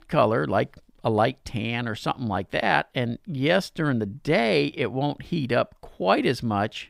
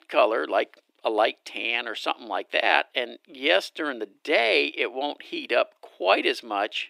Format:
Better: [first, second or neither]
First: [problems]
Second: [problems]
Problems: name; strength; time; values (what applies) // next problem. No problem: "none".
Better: first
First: none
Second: thin; very; fading below 300 Hz